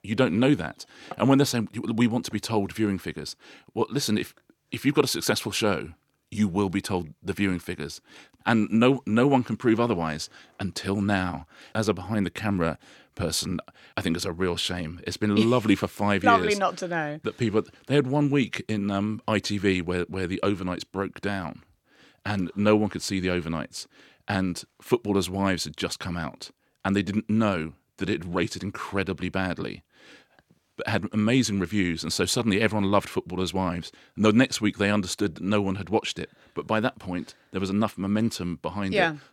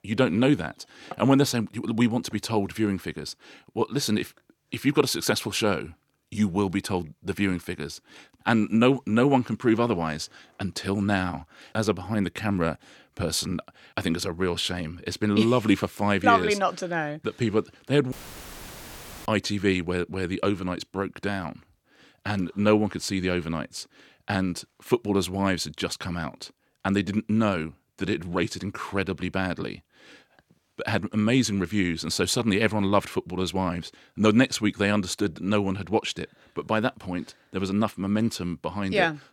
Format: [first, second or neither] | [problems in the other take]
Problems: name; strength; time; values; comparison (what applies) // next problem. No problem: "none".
first | audio cutting out; filled with static; at 18 s for 1 s